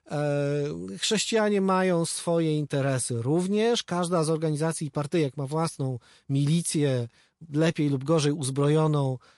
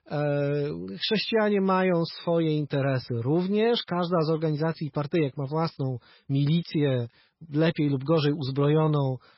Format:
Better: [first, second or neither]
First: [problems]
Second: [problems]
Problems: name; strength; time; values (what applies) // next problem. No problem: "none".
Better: first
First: garbled, watery; slightly; nothing above 11 kHz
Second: garbled, watery; badly; nothing above 5.5 kHz